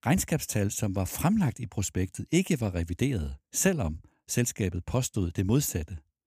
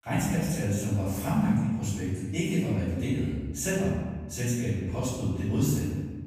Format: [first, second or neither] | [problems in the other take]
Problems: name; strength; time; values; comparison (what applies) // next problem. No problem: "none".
first | off-mic speech; far // room echo; strong; dies away in 1.4 s